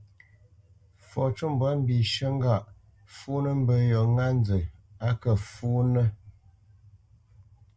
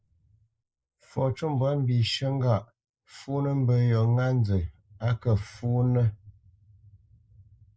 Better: first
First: none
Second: noise reduction (neural mask model Resemble Enhance denoiser)

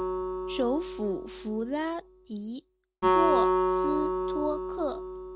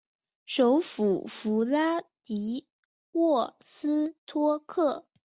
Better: second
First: background sound (Acoustic guitar); 4 dB above the speech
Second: none

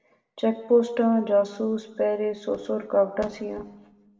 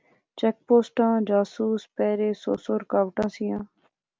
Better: second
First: room echo; dies away in 0.9 s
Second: none

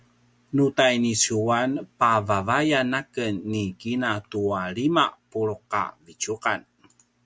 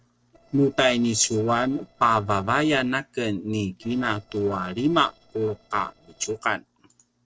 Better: first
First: none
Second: noise reduction (neural separator model SepFormer DNS4)

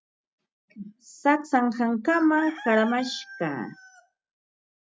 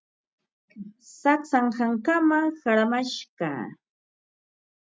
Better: second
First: background sound (Chicken, rooster); 14 dB below the speech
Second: none

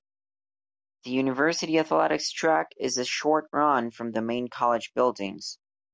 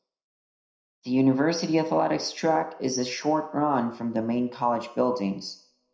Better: first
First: none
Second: room echo; dies away in 0.5 s

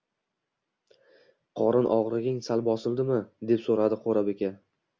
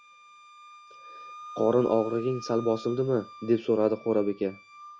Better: first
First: none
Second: background sound (Wind instrument, woodwind instrument); 17 dB below the speech

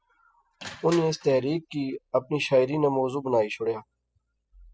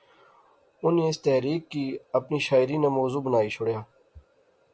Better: second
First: noise reduction (classical method spectral subtraction)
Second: none

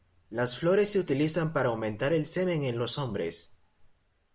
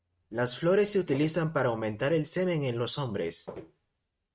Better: first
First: none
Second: noise reduction (neural mask model RNNoise)

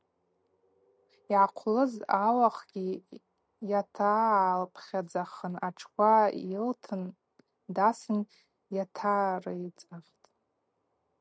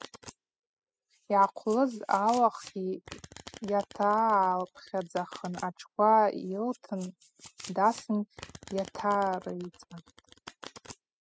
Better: first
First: none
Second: noise reduction (classical method spectral subtraction)

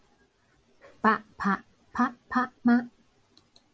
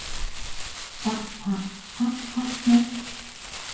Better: first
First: none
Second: background sound (Crumpling, crinkling); 6 dB below the speech // room echo; dies away in 0.9 s

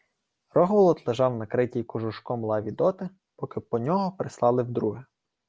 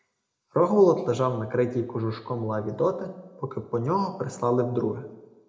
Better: first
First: none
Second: room echo; dies away in 0.6 s

